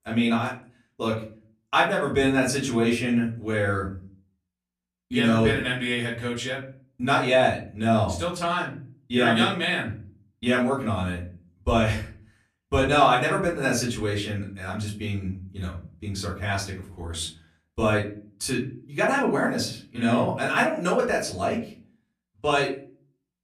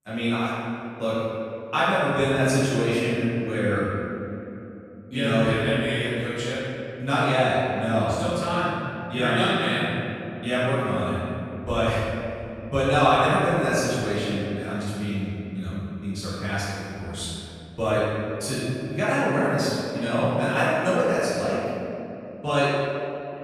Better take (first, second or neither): first